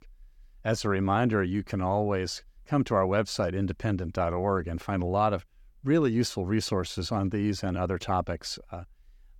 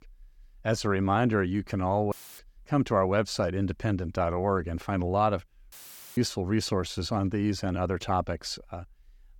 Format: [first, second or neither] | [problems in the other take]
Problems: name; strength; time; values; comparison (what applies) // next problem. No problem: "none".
first | audio cutting out; filled with static; at 2 s and at 5.5 s